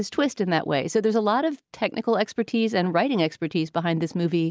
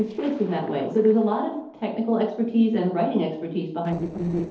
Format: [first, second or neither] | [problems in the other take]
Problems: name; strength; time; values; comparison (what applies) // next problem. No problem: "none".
first | noise reduction (neural separator model SepFormer DNS4)